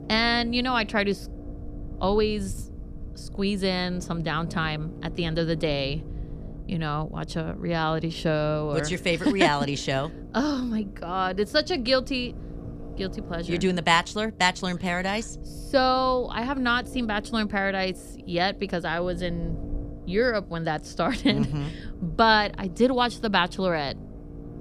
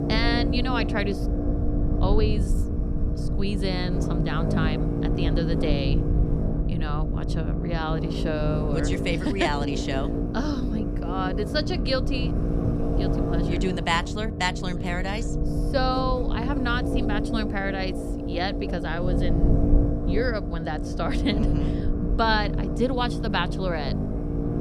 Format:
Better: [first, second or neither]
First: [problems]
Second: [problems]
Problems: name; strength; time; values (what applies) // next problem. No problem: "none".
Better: first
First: low rumble; faint; throughout; 20 dB below the speech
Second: low rumble; loud; throughout; 5 dB below the speech